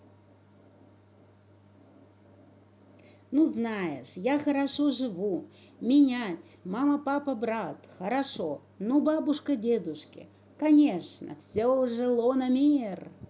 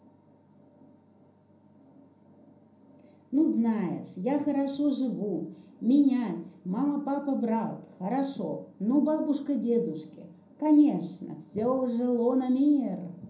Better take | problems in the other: first | room echo; dies away in 0.6 s

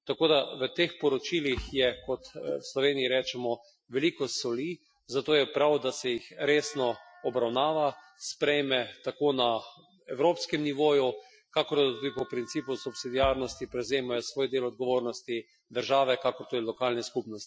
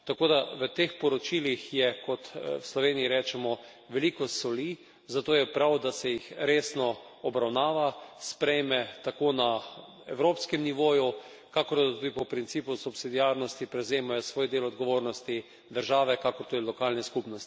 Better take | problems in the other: second | noise reduction (classical method Wiener filter)

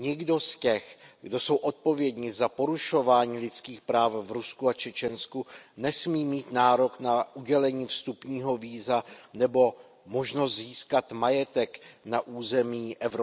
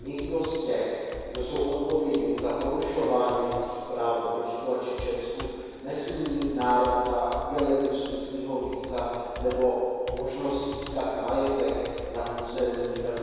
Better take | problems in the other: first | background sound (Computer keyboard); 14 dB below the speech // room echo; dies away in 2.2 s

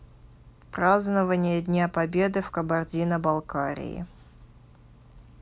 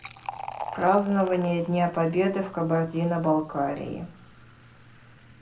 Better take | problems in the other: first | background sound (Fill (with liquid)); 16 dB below the speech // room echo; dies away in 0.3 s

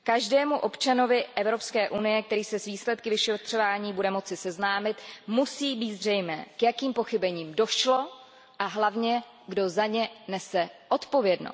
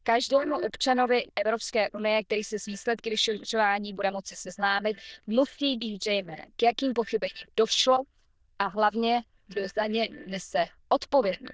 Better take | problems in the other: first | noise reduction (neural diffusion model UNIVERSE++)

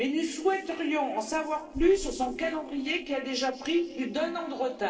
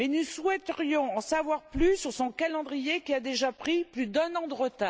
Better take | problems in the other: second | noise reduction (neural separator model SepFormer DNS4)

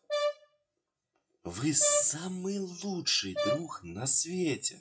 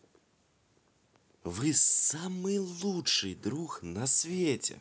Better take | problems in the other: second | noise reduction (classical method WPE with log-MMSE)

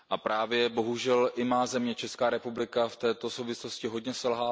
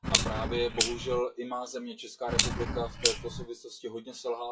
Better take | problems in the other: first | noise reduction (classical method WPE with log-MMSE)

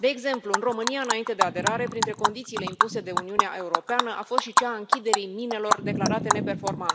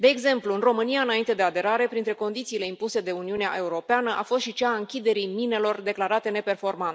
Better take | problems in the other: second | background sound (Animal); 2 dB above the speech

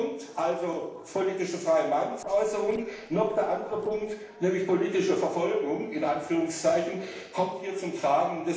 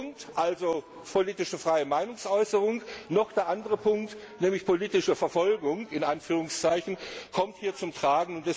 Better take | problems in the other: second | noise reduction (neural separator model SepFormer DNS4)

